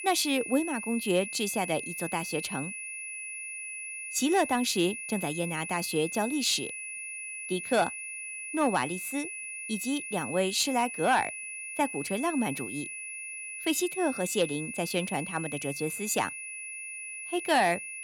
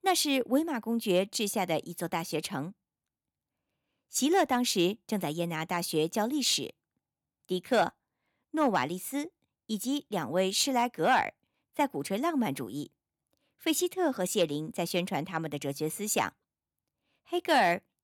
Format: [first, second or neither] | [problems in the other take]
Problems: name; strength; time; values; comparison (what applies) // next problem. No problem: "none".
second | high-pitched whine; loud; throughout; 2.5 kHz, 7 dB below the speech